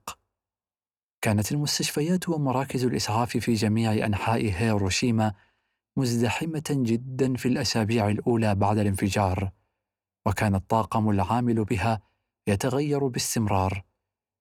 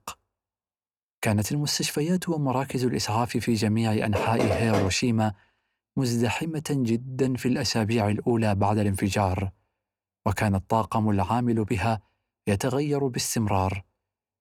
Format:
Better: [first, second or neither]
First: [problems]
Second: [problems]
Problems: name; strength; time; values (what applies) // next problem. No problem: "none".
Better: first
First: none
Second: door banging; noticeable; at 4 s; peak 1 dB below the speech